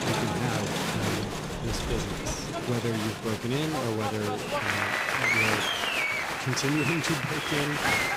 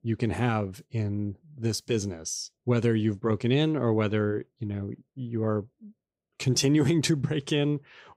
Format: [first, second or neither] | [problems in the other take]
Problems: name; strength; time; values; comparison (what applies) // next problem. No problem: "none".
second | crowd noise; very loud; throughout; 4 dB above the speech